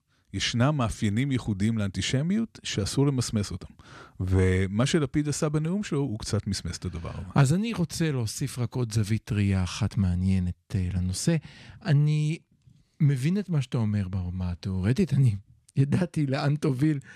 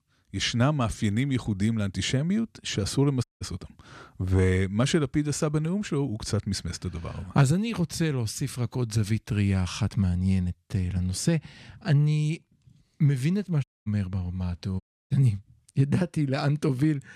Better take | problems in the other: first | audio cutting out; at 3 s, at 14 s and at 15 s

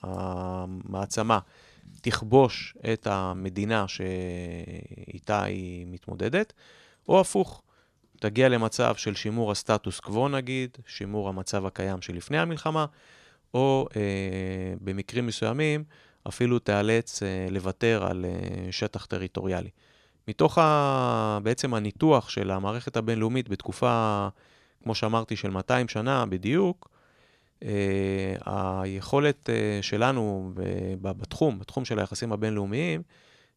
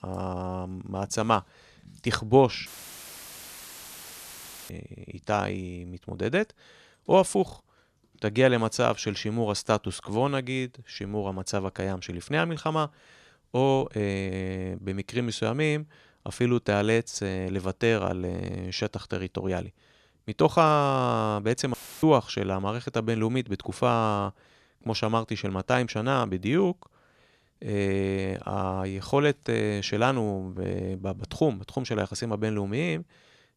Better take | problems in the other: first | audio cutting out; filled with static; at 2.5 s for 2 s and at 22 s

